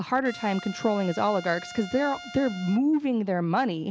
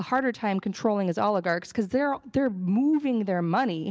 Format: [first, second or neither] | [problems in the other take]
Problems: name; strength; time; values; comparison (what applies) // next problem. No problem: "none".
second | background sound (Trumpet); 16 dB below the speech